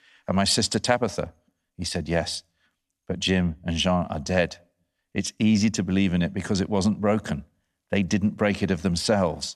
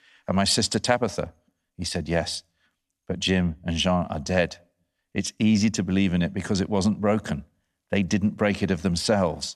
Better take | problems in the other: neither | none

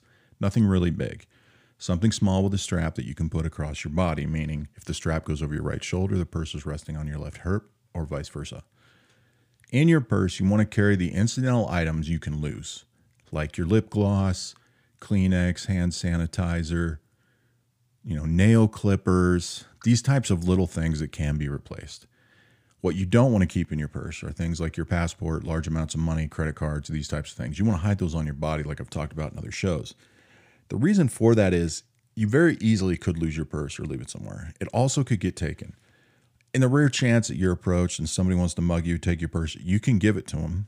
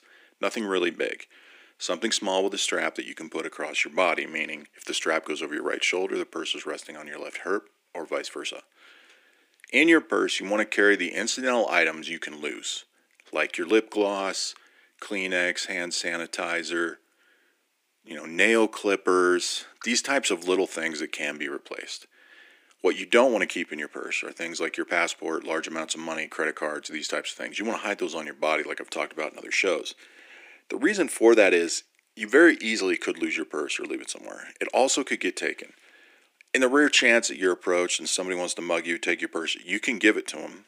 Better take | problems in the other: first | thin; very; fading below 300 Hz

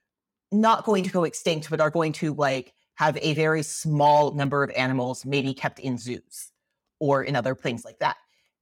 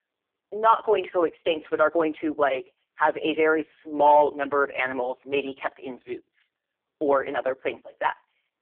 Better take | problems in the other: first | phone-call audio; poor line; nothing above 3 kHz

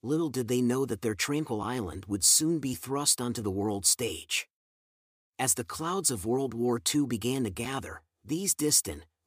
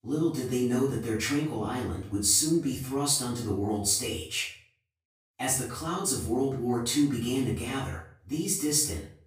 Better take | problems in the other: first | off-mic speech; far // room echo; noticeable; dies away in 0.5 s

